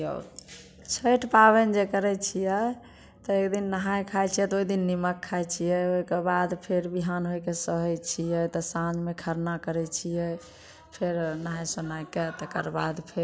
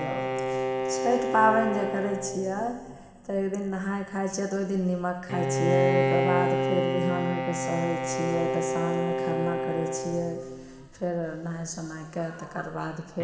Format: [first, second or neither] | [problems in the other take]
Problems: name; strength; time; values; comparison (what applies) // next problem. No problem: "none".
first | background sound (Bowed string instrument); 1 dB below the speech // room echo; dies away in 2 s